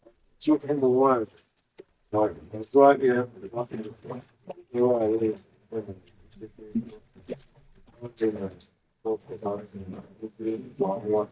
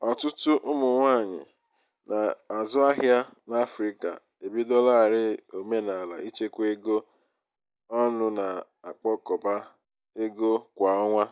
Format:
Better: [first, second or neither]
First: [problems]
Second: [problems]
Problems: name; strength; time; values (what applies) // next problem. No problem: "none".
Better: second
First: noise reduction (neural mask model DeepFilterNet 3)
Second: none